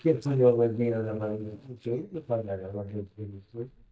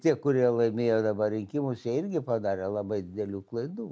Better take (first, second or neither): second